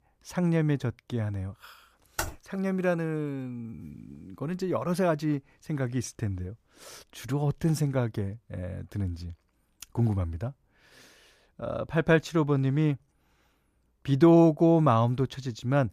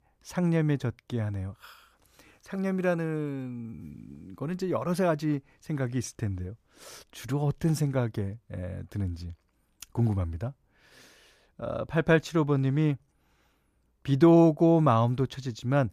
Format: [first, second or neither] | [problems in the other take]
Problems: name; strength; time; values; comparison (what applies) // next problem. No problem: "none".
second | keyboard typing; noticeable; at 2 s; peak 7 dB below the speech